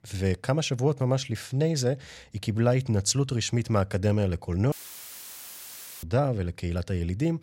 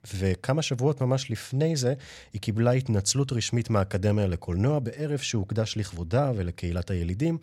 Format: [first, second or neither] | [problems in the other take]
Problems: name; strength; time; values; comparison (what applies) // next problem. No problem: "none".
second | audio cutting out; filled with static; at 4.5 s for 1.5 s